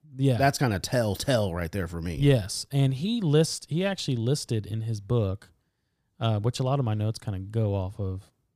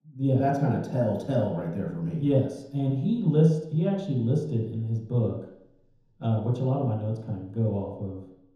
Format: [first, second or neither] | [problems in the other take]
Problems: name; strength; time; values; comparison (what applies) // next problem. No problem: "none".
first | room echo; noticeable; dies away in 3 s // off-mic speech; far